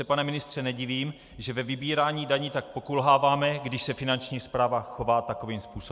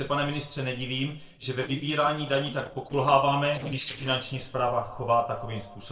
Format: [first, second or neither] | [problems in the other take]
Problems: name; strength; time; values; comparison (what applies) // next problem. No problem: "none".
first | noise reduction (neural separator model SepFormer DNS4)